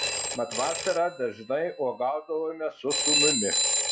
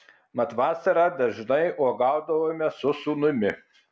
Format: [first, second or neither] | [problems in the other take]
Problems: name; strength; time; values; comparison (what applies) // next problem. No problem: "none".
second | noise reduction (classical method log-MMSE)